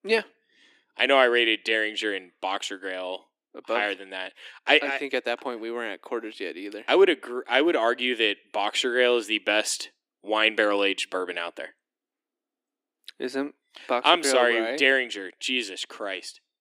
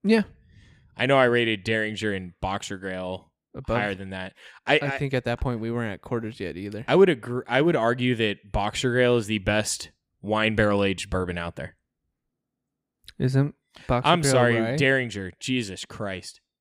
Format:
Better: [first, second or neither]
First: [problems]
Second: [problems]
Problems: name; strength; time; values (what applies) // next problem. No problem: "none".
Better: second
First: thin; somewhat; fading below 300 Hz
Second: none